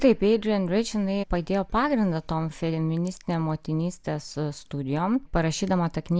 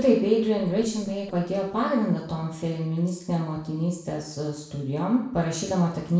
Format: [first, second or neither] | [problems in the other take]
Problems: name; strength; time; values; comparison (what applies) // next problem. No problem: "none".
first | noise reduction (neural separator model SepFormer DNS4)